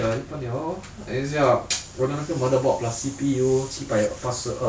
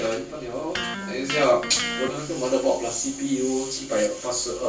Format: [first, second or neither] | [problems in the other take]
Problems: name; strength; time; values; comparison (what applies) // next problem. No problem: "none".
first | background sound (Electric guitar); 8 dB below the speech // room echo; dies away in 0.3 s